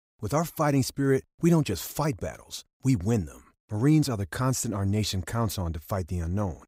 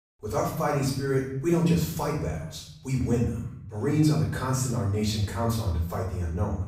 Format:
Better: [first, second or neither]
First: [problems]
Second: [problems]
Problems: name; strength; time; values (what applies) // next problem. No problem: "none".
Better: first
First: none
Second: off-mic speech; far // room echo; noticeable; dies away in 0.7 s